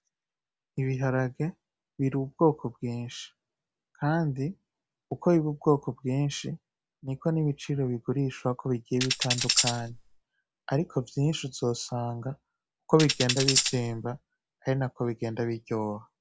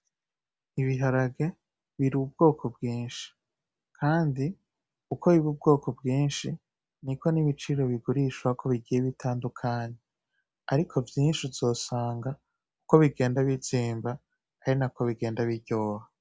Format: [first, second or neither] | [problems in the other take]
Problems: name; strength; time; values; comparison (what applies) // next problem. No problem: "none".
second | background sound (Tambourine); 1 dB above the speech